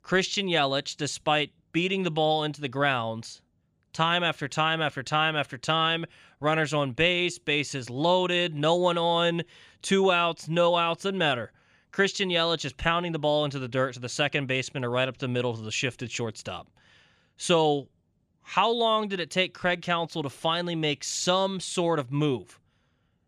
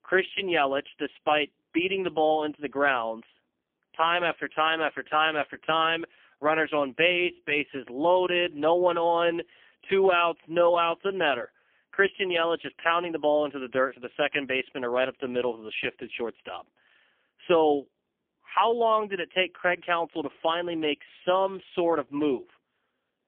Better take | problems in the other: first | phone-call audio; poor line; nothing above 3.5 kHz

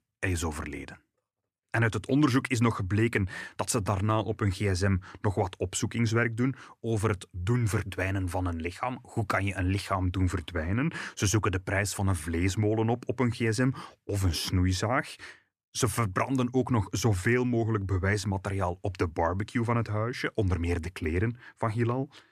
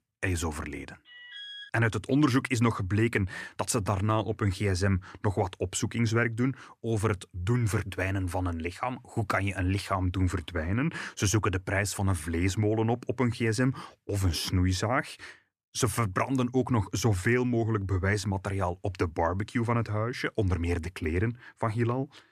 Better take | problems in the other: first | alarm; faint; at 1 s; peak 10 dB below the speech

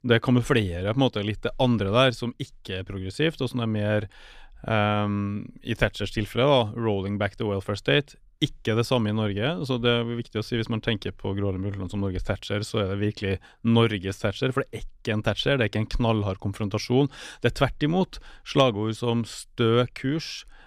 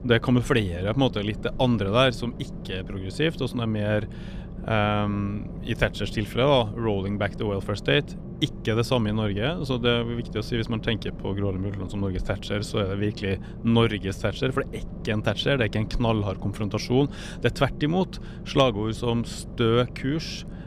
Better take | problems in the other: first | low rumble; noticeable; throughout; 20 dB below the speech

